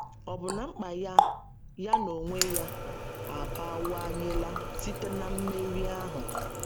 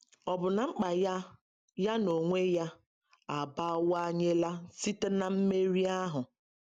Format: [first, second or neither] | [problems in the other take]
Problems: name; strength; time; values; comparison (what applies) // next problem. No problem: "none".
second | background sound (Water tap, faucet); 4 dB above the speech